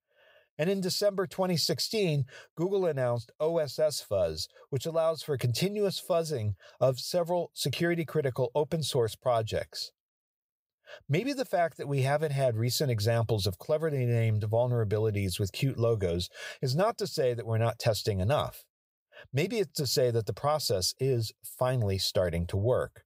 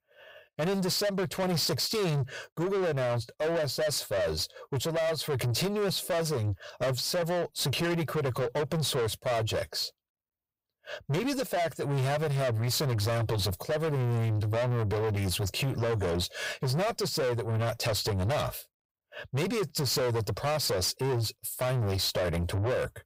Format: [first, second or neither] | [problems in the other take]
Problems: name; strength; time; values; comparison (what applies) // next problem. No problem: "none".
first | distortion; heavy; 7 dB below the speech